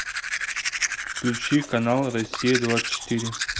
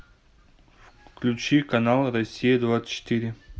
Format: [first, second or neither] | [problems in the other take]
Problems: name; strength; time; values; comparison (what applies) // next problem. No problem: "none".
second | background sound (Domestic sounds, home sounds); 4 dB below the speech